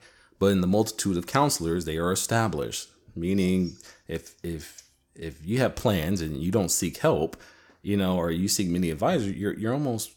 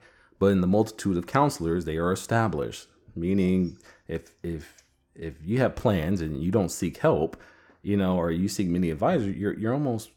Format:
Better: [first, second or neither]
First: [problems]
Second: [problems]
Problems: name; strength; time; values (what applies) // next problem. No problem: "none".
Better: first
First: none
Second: muffled; slightly; fading above 3 kHz